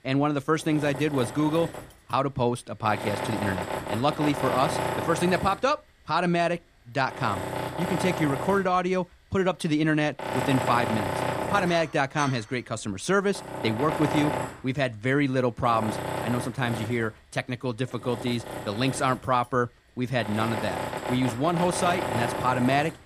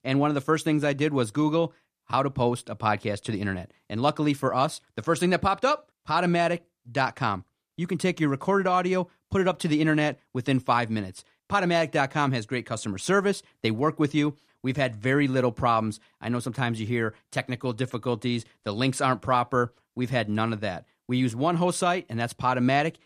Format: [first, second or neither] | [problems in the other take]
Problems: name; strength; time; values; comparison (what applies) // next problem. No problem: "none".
second | machinery noise; loud; throughout; 5 dB below the speech